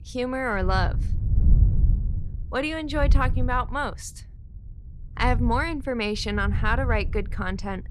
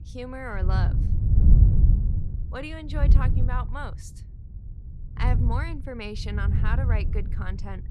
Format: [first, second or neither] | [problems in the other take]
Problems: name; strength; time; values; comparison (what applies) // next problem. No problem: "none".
first | wind noise on the microphone; heavy; 5 dB below the speech; occasional gusts in the first